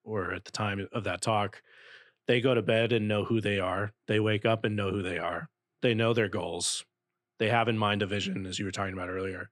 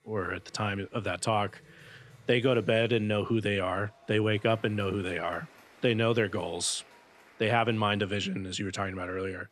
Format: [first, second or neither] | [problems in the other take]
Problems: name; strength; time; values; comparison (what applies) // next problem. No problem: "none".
first | crowd noise; faint; throughout; 25 dB below the speech